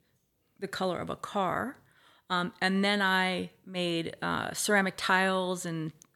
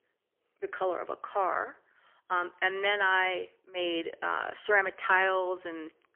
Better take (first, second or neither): first